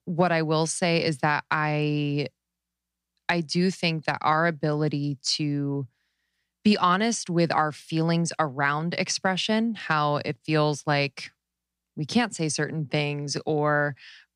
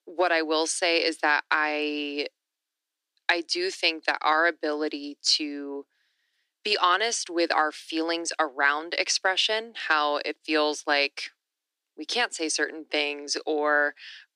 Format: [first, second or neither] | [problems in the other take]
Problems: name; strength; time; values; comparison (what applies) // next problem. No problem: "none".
first | thin; very; fading below 300 Hz